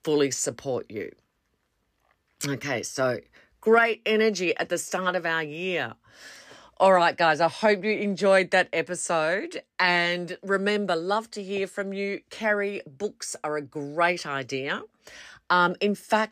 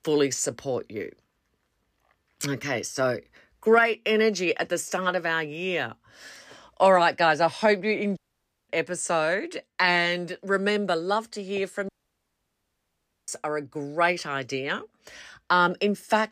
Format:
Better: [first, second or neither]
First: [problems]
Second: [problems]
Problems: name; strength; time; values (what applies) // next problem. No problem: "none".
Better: first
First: none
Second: audio cutting out; at 8 s for 0.5 s and at 12 s for 1.5 s